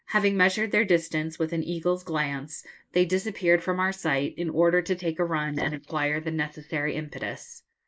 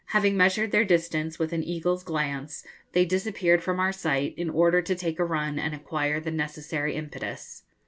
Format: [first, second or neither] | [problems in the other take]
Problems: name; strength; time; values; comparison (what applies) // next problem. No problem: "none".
second | noise reduction (neural mask model Resemble Enhance denoiser)